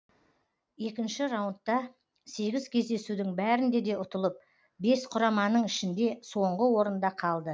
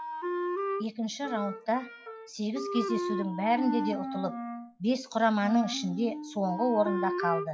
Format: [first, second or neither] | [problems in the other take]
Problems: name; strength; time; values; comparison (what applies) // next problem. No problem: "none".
first | noise reduction (classical method WPE with log-MMSE)